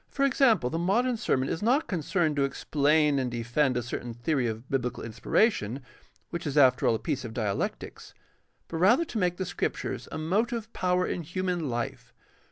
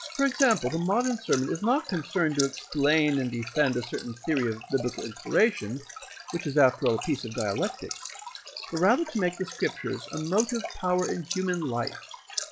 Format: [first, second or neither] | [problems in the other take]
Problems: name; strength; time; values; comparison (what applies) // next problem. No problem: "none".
first | noise reduction (classical method log-MMSE)